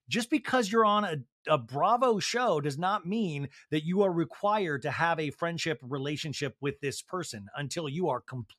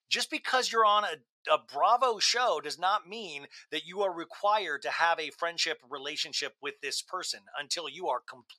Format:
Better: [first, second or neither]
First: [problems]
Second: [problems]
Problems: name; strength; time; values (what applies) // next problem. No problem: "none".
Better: first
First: none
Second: thin; very; fading below 700 Hz